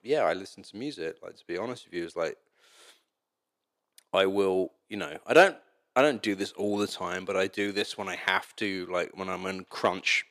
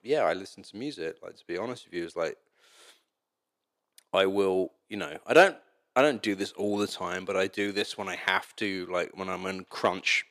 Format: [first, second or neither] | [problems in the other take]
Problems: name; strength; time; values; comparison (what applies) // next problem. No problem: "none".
neither | thin; somewhat; fading below 400 Hz; the same in both